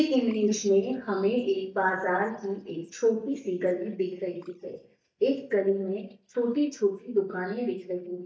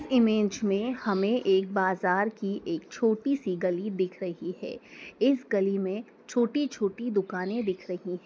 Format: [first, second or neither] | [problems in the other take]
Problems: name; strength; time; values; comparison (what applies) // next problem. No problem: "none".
second | noise reduction (neural mask model DeepFilterNet 3)